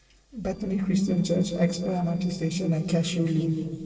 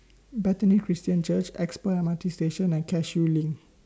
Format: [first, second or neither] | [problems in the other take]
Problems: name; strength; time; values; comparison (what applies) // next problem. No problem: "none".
second | noise reduction (neural separator model SepFormer DNS4)